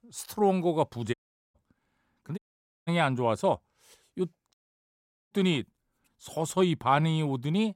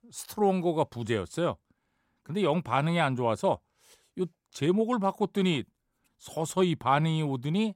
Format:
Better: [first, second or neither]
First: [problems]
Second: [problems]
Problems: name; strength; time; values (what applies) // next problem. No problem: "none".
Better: second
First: audio cutting out; at 1 s, at 2.5 s and at 4.5 s for 1 s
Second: none